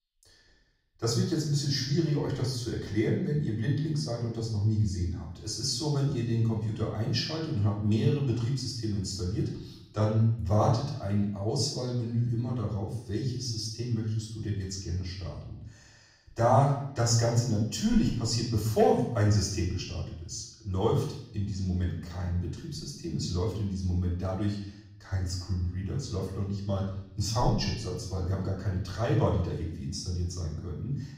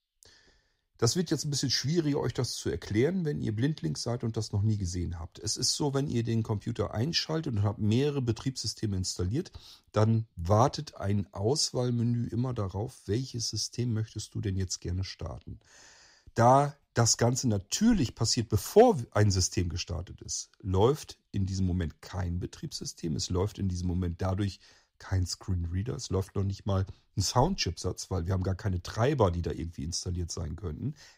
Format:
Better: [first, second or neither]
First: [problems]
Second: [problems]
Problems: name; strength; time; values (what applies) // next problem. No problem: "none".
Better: second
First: room echo; noticeable; dies away in 0.7 s // off-mic speech; far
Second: none